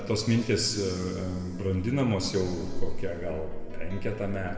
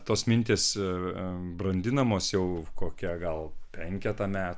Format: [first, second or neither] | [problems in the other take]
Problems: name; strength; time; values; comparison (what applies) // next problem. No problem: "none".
second | background sound (Plucked string instrument); 19 dB below the speech // room echo; dies away in 1.9 s